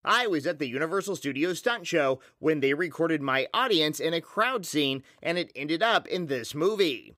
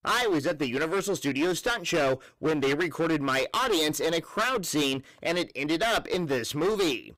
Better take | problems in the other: first | distortion; heavy; 20% of the sound clipped

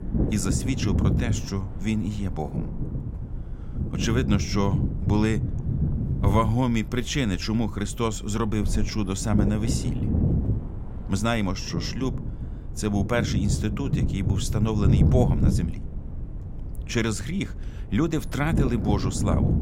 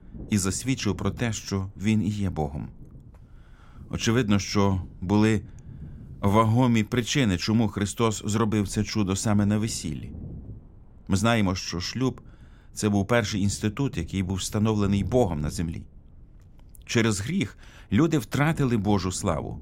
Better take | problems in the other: second | wind noise on the microphone; heavy; 6 dB below the speech; occasional gusts in the second

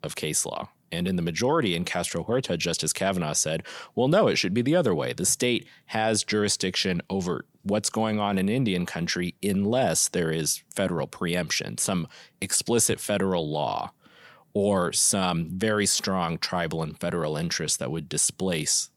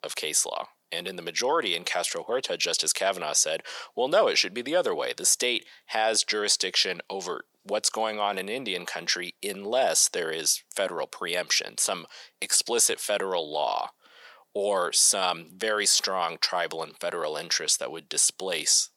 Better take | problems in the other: first | thin; very; fading below 550 Hz

